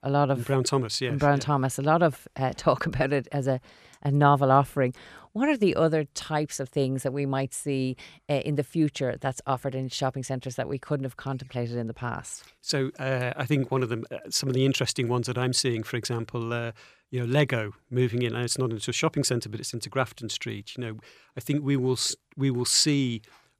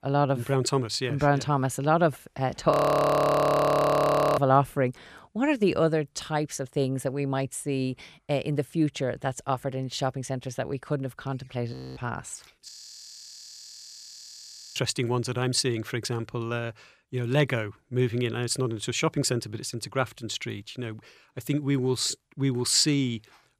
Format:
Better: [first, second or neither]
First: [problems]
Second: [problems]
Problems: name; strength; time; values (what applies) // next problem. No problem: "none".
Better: first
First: none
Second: audio freezing; at 2.5 s for 1.5 s, at 12 s and at 13 s for 2 s